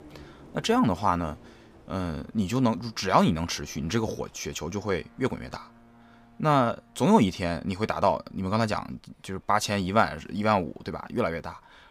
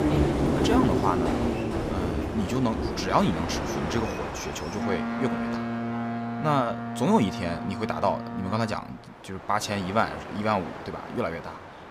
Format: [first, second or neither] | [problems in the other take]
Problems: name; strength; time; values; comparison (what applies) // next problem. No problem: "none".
first | train or aircraft noise; loud; throughout; 1 dB below the speech; faint in the first